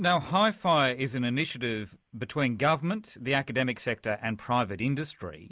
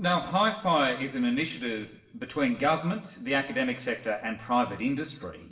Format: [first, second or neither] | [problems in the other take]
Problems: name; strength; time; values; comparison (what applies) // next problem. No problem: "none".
first | noise reduction (neural separator model SepFormer DNS4)